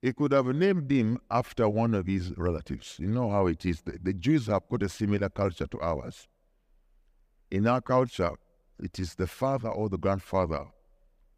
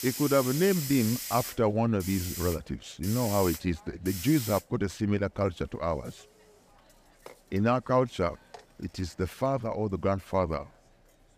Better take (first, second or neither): first